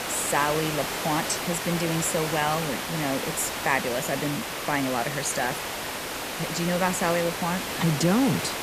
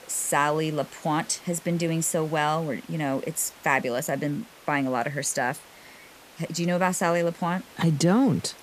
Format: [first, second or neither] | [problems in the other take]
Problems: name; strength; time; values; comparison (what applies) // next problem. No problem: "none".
second | hiss; loud; throughout; 3 dB below the speech; faint in the second